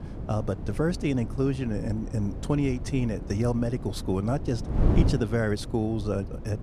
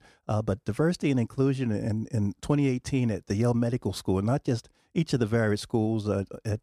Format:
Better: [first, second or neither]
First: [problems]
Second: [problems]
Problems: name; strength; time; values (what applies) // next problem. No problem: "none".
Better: second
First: wind noise on the microphone; heavy; 9 dB below the speech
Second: none